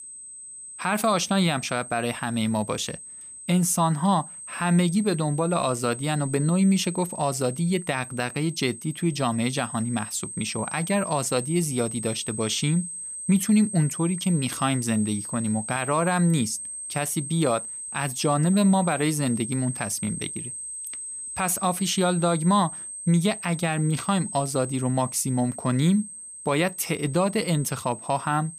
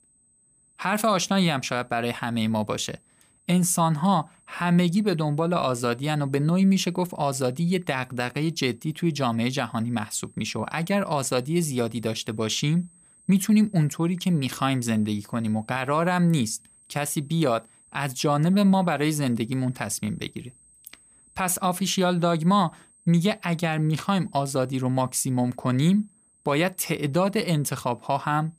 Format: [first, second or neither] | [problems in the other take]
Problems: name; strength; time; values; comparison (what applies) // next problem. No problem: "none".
second | high-pitched whine; loud; throughout; 8.5 kHz, 9 dB below the speech; faint in the second